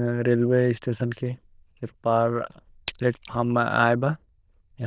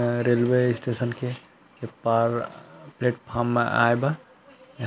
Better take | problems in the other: second | noise reduction (neural diffusion model UNIVERSE++)

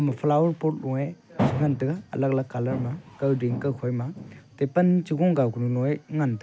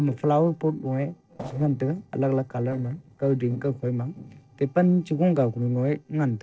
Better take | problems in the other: first | noise reduction (neural separator model SepFormer DNS4)

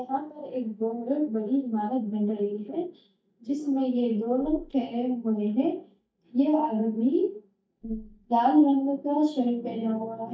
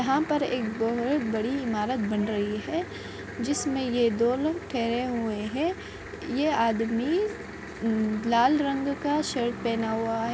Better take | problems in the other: second | noise reduction (neural mask model DeepFilterNet 3)

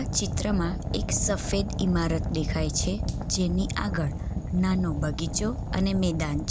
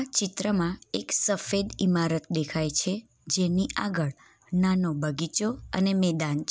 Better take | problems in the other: second | background sound (Fire); 2 dB below the speech

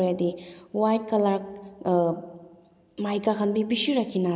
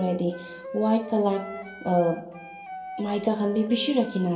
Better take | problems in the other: first | background sound (Wind instrument, woodwind instrument); 14 dB below the speech // room echo; dies away in 0.3 s

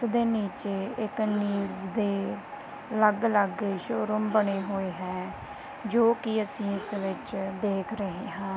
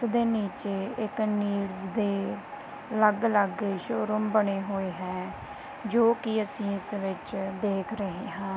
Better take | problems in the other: second | background sound (Breathing); 20 dB below the speech

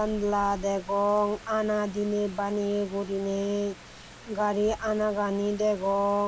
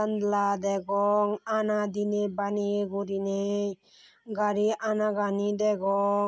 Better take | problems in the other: second | background sound (Rain); 18 dB below the speech

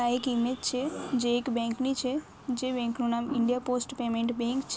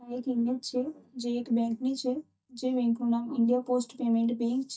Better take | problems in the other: first | noise reduction (neural mask model DeepFilterNet 3)

